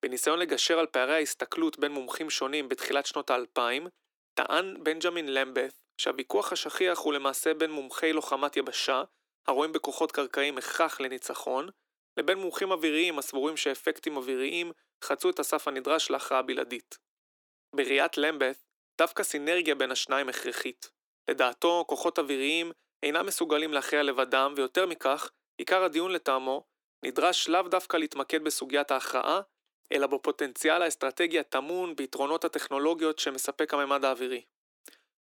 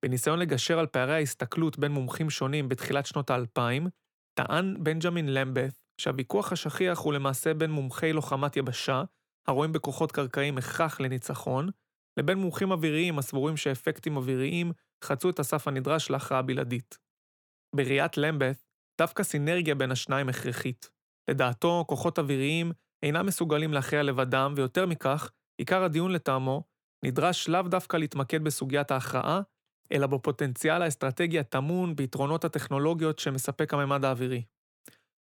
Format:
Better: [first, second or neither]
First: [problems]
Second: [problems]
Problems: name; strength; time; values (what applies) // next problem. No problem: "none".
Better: second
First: thin; somewhat; fading below 300 Hz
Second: none